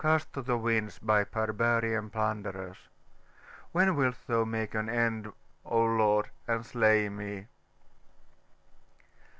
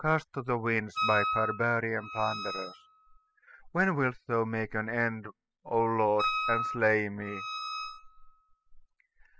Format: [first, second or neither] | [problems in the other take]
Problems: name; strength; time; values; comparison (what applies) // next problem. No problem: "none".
first | noise reduction (classical method spectral subtraction)